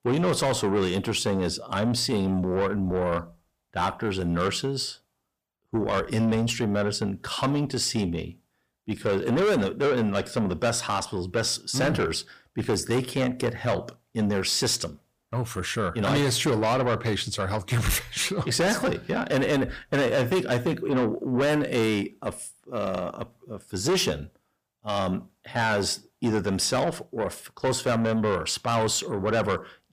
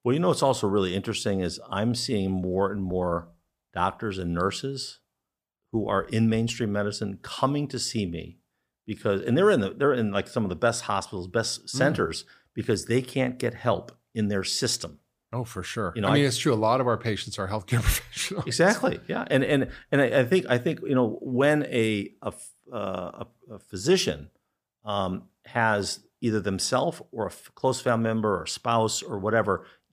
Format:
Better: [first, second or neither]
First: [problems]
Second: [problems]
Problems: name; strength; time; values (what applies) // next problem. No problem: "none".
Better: second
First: distortion; heavy; 7 dB below the speech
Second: none